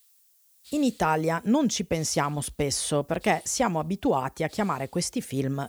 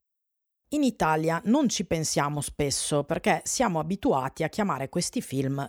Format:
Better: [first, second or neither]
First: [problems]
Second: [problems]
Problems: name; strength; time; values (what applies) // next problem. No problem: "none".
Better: second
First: hiss; faint; throughout; 30 dB below the speech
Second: none